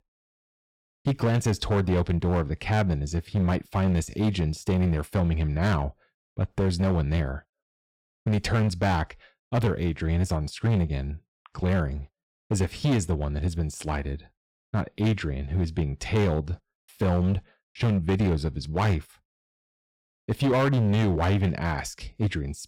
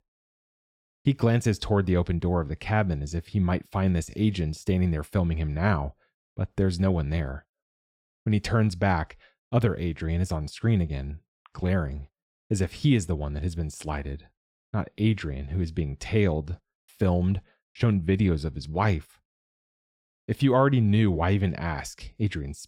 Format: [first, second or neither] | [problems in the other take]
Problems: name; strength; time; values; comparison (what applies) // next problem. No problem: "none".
second | distortion; slight; 10% of the sound clipped